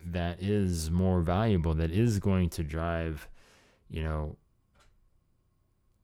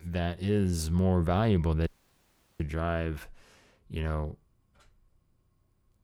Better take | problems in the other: first | audio cutting out; at 2 s for 0.5 s

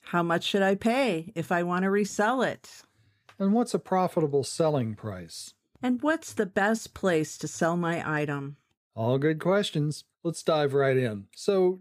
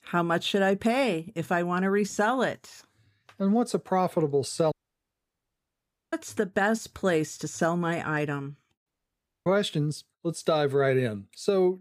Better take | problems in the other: first | audio cutting out; at 4.5 s for 1.5 s and at 9 s for 0.5 s

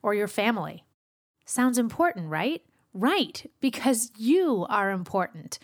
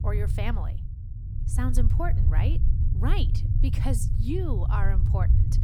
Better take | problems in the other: first | low rumble; loud; throughout; 5 dB below the speech

